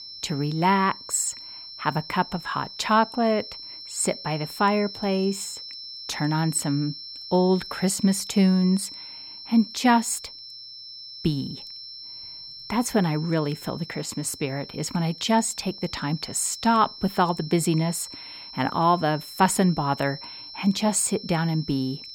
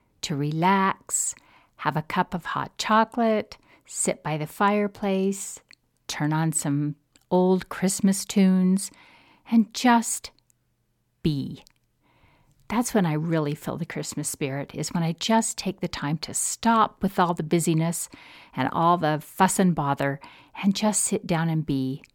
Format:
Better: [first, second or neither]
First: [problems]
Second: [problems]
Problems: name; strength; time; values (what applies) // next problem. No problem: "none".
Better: second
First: high-pitched whine; noticeable; throughout; 5.5 kHz, 15 dB below the speech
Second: none